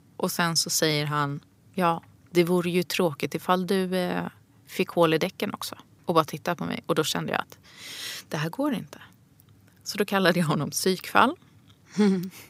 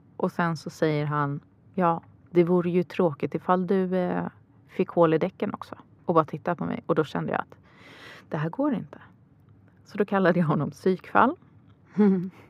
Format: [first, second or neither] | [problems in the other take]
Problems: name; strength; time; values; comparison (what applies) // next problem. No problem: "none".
first | muffled; very; fading above 3 kHz